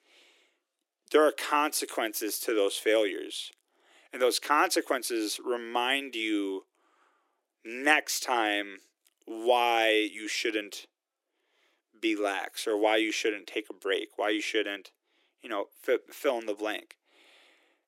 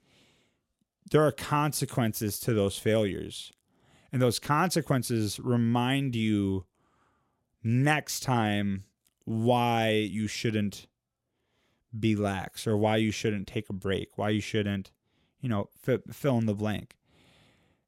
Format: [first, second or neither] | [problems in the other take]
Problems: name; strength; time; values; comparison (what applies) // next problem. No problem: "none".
second | thin; very; fading below 300 Hz